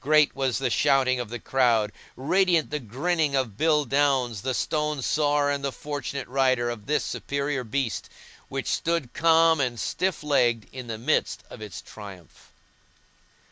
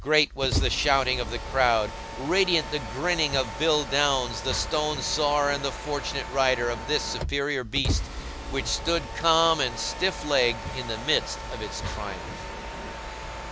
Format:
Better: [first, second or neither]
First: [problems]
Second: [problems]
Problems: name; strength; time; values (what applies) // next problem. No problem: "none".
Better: first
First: none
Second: background sound (Mechanisms); 7 dB below the speech